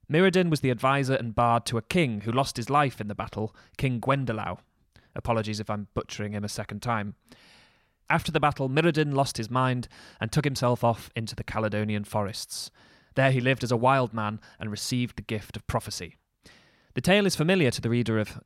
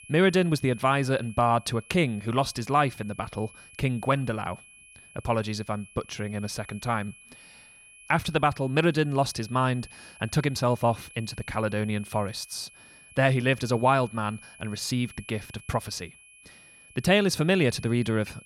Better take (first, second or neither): first